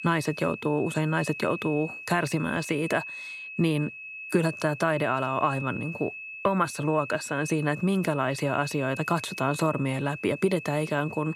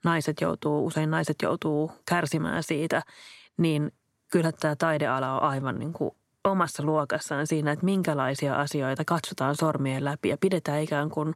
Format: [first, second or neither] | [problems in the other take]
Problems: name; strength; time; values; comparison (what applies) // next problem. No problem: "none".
second | high-pitched whine; noticeable; throughout; 2.5 kHz, 10 dB below the speech